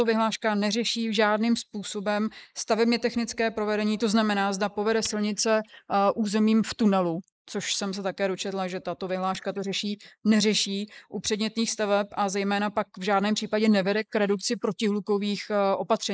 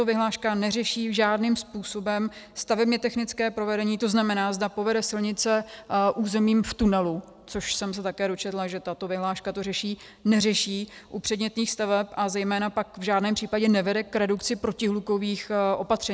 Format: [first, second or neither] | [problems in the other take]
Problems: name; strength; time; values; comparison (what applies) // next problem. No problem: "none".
second | noise reduction (neural mask model Resemble Enhance denoiser)